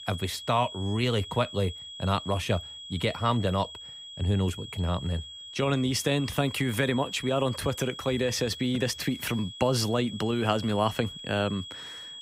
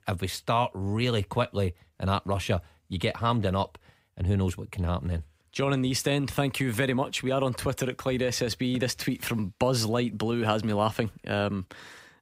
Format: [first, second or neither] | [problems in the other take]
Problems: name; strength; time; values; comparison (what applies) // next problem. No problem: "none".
second | high-pitched whine; noticeable; throughout; 3.5 kHz, 10 dB below the speech